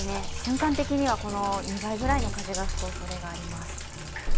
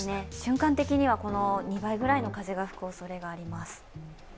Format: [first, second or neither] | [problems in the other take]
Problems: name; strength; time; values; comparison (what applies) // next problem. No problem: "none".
second | background sound (Sink (filling or washing)); 1 dB below the speech